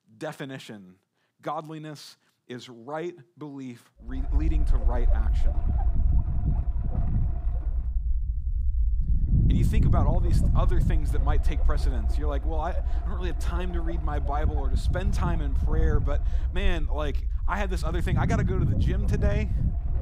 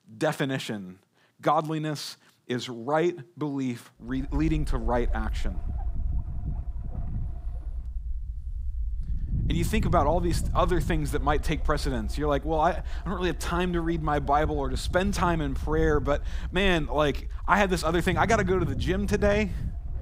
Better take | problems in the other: second | low rumble; loud; from 4 s on; 7 dB below the speech; faint in the second

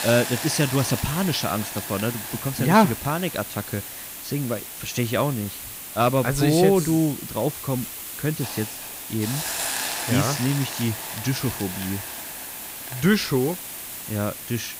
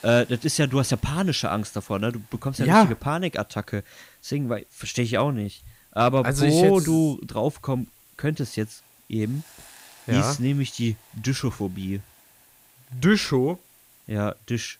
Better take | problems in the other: second | hiss; loud; throughout; 6 dB below the speech; faint in the second

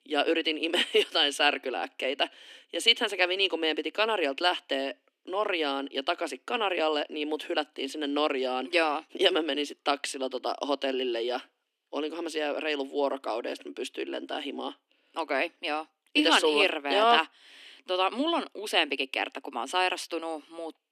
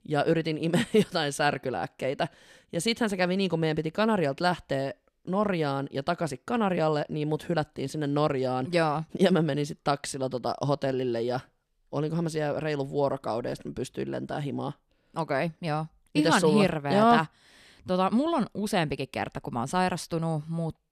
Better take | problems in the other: second | thin; somewhat; fading below 250 Hz

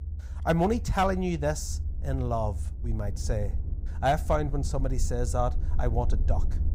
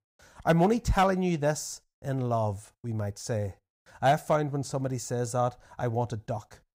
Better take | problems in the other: second | low rumble; faint; throughout; 20 dB below the speech

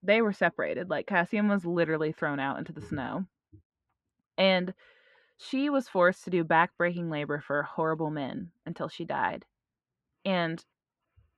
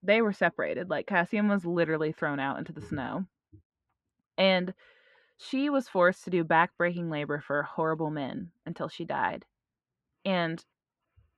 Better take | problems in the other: neither | muffled; slightly; fading above 2.5 kHz; the same in both

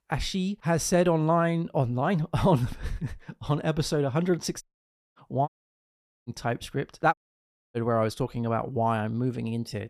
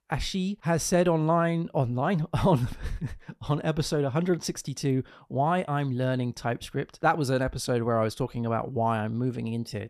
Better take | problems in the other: second | audio cutting out; at 4.5 s for 0.5 s, at 5.5 s for 1 s and at 7 s for 0.5 s

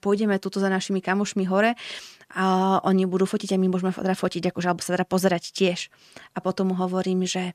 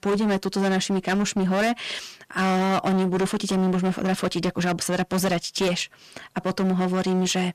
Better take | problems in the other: first | distortion; heavy; 22% of the sound clipped

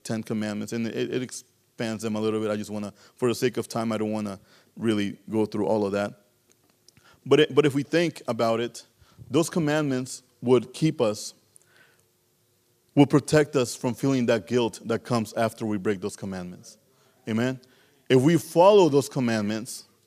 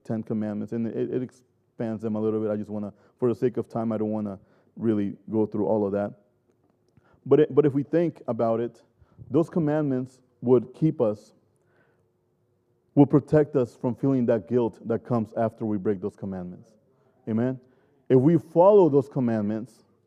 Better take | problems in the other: first | muffled; very; fading above 2 kHz

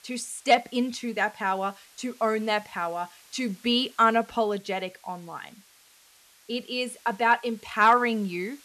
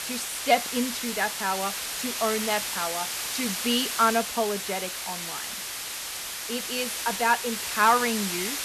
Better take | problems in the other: first | hiss; loud; throughout; 3 dB below the speech; faint in the first

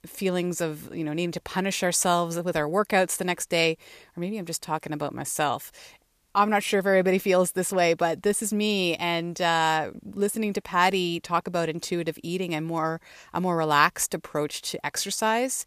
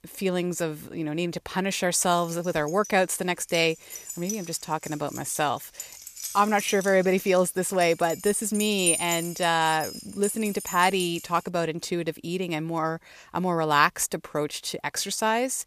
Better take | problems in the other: first | jangling keys; loud; from 2.5 to 11 s; peak 2 dB above the speech

